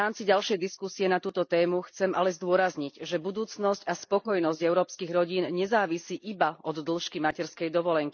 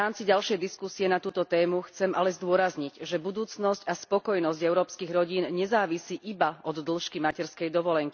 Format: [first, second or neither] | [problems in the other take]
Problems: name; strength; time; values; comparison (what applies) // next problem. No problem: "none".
second | noise reduction (neural mask model Resemble Enhance denoiser)